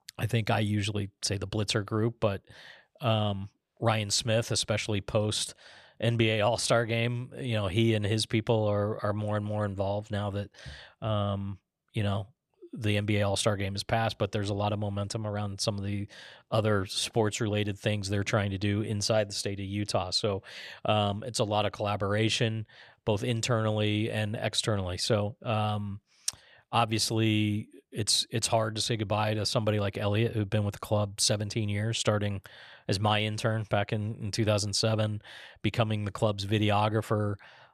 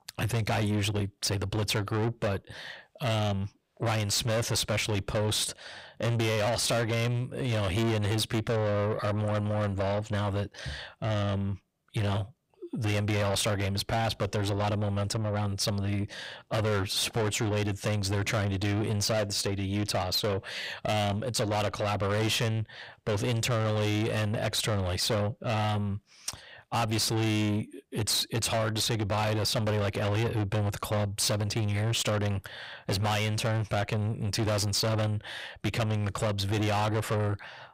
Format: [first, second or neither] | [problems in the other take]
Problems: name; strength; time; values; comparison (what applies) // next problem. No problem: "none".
first | distortion; heavy; 6 dB below the speech